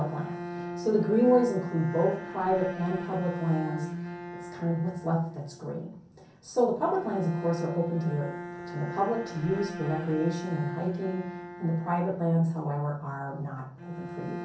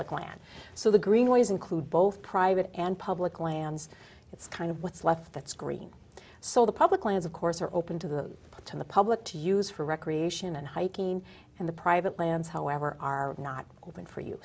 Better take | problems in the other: second | background sound (Bowed string instrument); 10 dB below the speech // room echo; dies away in 0.6 s

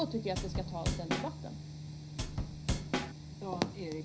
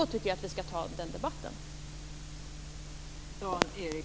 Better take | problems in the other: second | background sound (Drum / Drum kit); 3 dB above the speech // room echo; dies away in 0.5 s

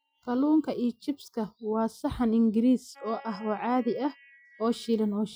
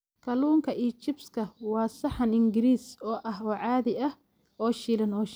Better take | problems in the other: second | noise reduction (classical method Wiener filter)

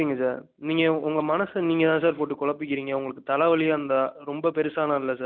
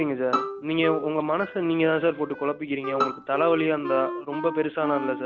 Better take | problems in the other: first | background sound (Bowed string instrument + Wind instrument, woodwind instrument); 7 dB below the speech

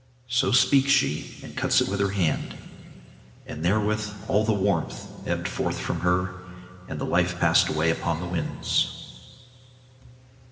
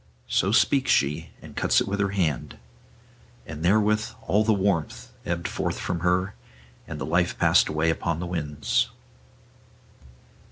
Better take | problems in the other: second | room echo; dies away in 2.3 s

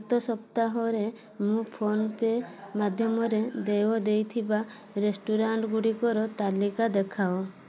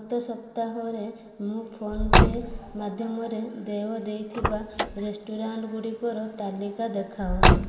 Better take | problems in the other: first | background sound (Car); 4 dB above the speech // room echo; dies away in 2.9 s

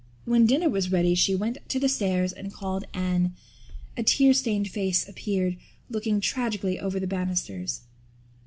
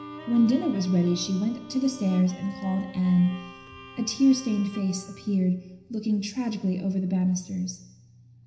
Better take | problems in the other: first | background sound (Bowed string instrument); 19 dB below the speech // room echo; dies away in 0.9 s

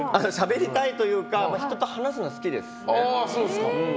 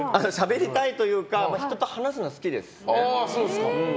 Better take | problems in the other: second | background sound (Wind instrument, woodwind instrument); 15 dB below the speech

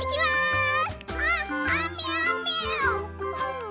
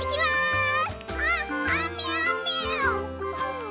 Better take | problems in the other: first | background sound (Bowed string instrument); 13 dB below the speech

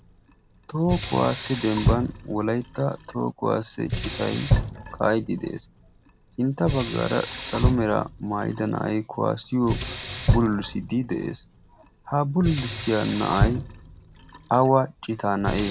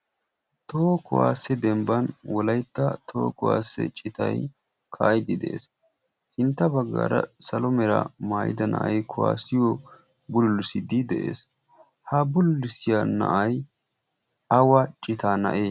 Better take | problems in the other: second | background sound (Sink (filling or washing)); 4 dB below the speech

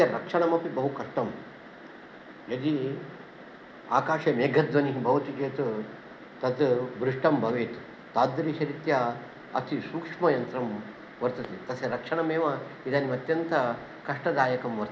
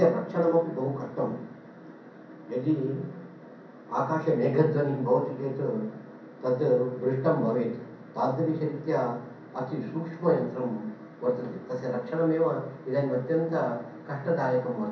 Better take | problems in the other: first | room echo; dies away in 0.6 s

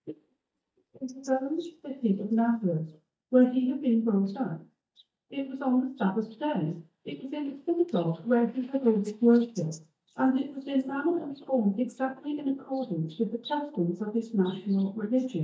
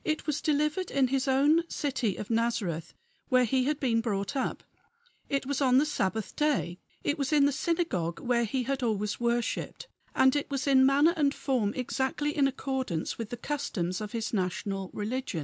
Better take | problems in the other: second | noise reduction (neural mask model DeepFilterNet 3)

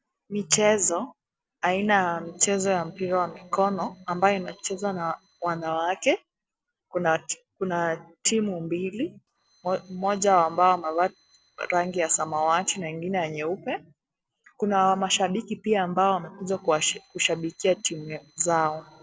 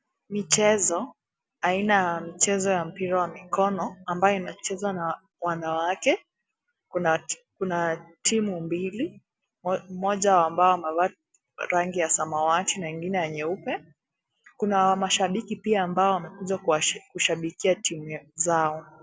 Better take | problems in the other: second | noise reduction (neural separator model SepFormer DNS4)

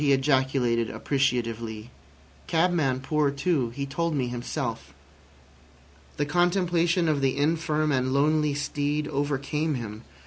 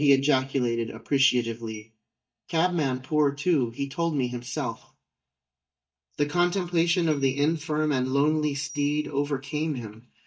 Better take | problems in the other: first | noise reduction (neural mask model DeepFilterNet 3)

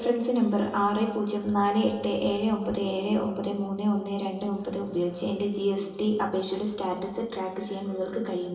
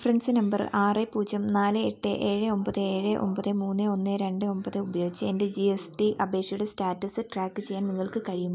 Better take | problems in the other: second | room echo; dies away in 1 s

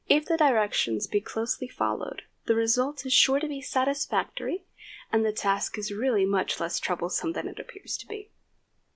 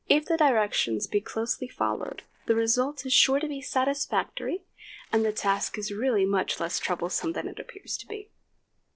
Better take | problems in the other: first | noise reduction (neural separator model SepFormer DNS4)

